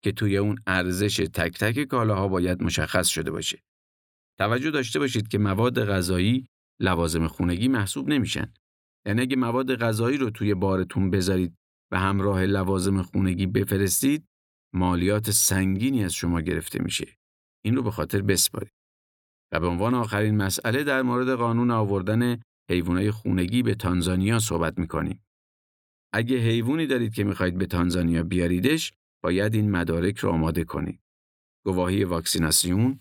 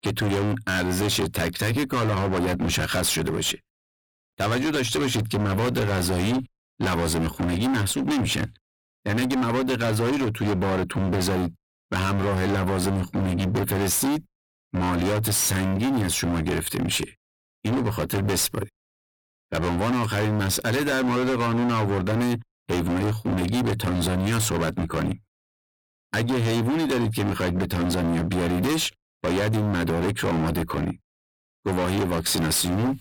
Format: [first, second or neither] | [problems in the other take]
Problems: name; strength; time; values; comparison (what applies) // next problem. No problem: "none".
first | distortion; heavy; 37% of the sound clipped